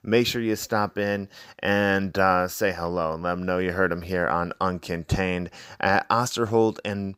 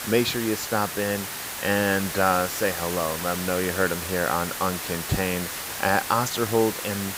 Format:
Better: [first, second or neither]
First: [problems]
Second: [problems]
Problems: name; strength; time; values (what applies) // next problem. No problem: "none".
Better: first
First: none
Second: hiss; loud; throughout; 5 dB below the speech